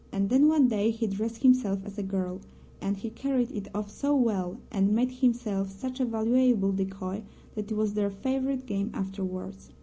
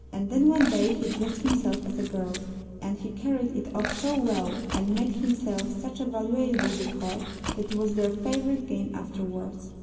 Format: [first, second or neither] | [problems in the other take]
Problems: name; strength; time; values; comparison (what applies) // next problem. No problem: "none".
first | background sound (Chewing, mastication); 10 dB below the speech // room echo; dies away in 2.4 s